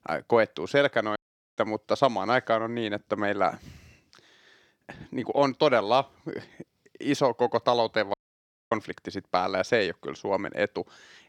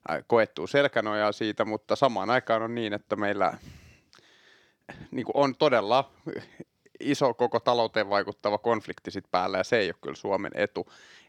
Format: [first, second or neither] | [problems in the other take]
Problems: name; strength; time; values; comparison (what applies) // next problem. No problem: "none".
second | audio cutting out; at 1 s and at 8 s for 0.5 s